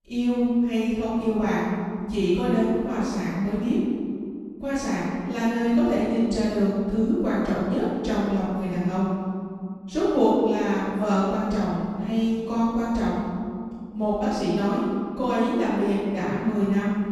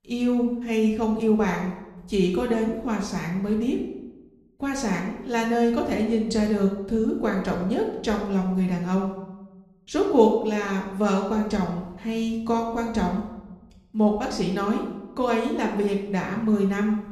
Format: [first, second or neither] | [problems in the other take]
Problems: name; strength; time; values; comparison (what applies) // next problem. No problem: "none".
second | room echo; strong; dies away in 2.1 s; slight in the second // off-mic speech; far; far in the second